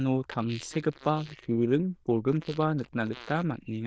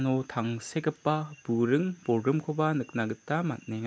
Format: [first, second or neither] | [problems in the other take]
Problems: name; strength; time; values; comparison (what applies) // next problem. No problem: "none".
second | noise reduction (neural diffusion model UNIVERSE++)